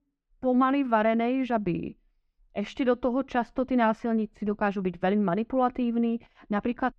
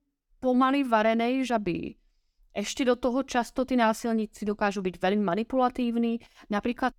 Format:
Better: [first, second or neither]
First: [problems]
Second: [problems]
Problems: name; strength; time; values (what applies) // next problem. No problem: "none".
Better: second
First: muffled; very; fading above 2.5 kHz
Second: none